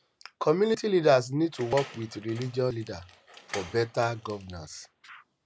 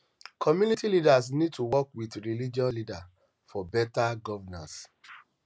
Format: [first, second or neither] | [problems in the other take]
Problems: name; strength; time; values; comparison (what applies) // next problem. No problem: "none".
second | background sound (Door); 17 dB below the speech